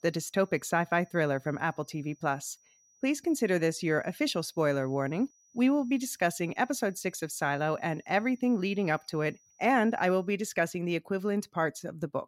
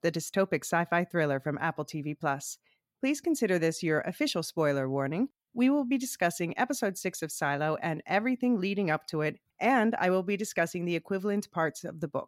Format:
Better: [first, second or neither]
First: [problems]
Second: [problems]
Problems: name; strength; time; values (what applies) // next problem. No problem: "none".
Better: second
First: high-pitched whine; faint; until 10 s; 6 kHz, 35 dB below the speech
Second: none